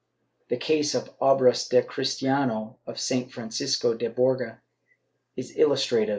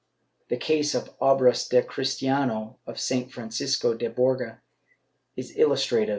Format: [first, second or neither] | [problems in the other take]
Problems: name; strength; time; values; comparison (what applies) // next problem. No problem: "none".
second | noise reduction (neural mask model Resemble Enhance denoiser)